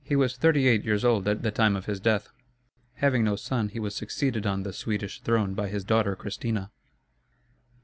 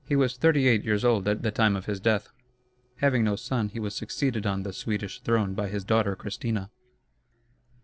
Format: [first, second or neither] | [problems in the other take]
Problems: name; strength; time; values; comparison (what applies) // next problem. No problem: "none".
first | noise reduction (neural separator model SepFormer DNS4)